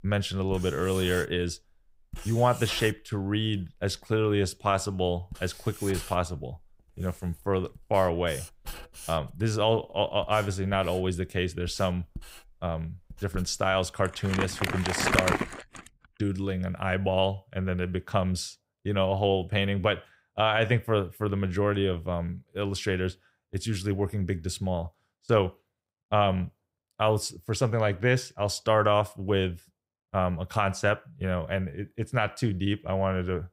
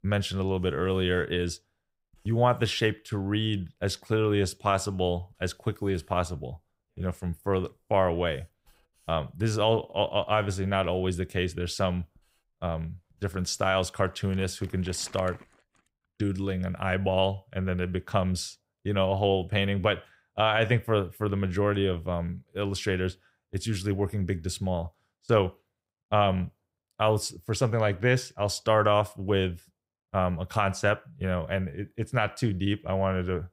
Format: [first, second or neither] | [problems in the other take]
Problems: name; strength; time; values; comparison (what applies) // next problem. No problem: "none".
second | household noises; loud; until 16 s; 6 dB below the speech; faint in the second